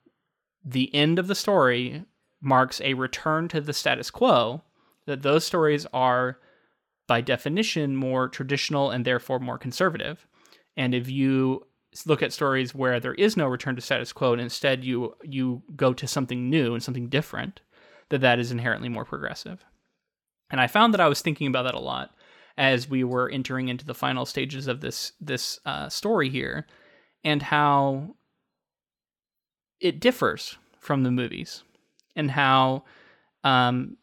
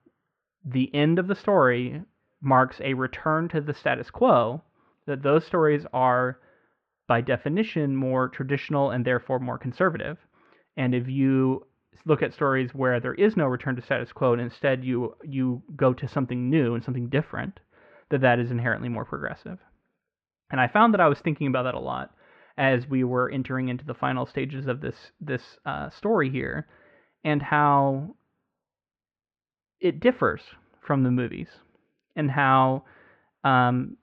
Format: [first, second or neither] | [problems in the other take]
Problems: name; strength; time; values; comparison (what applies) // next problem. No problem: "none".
first | muffled; very; fading above 2 kHz